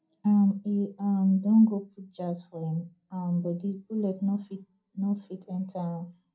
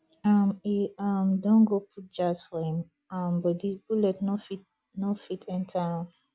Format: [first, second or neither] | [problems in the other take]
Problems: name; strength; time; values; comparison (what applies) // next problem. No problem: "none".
second | room echo; dies away in 0.2 s